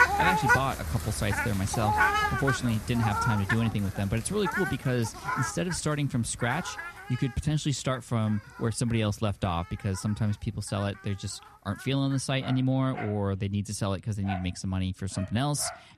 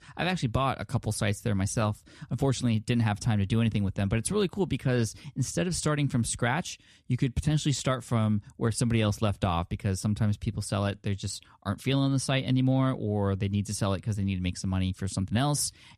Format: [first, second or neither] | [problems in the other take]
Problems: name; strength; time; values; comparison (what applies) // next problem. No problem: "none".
second | animal sounds; loud; throughout; 1 dB below the speech